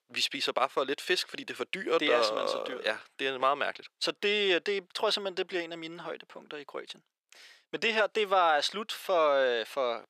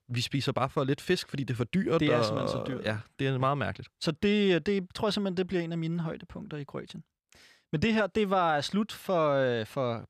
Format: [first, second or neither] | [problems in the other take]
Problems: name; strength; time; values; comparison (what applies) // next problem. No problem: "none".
second | thin; very; fading below 400 Hz